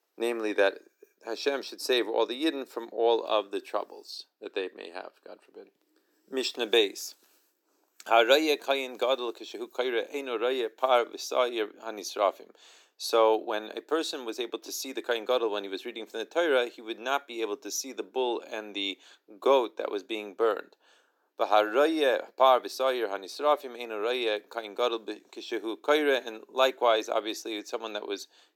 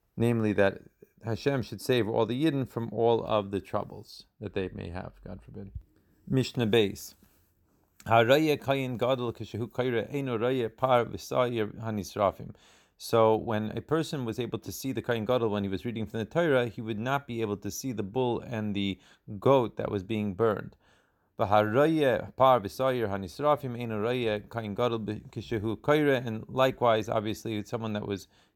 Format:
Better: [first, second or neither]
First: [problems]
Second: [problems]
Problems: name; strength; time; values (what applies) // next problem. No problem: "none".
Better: second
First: thin; somewhat; fading below 300 Hz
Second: none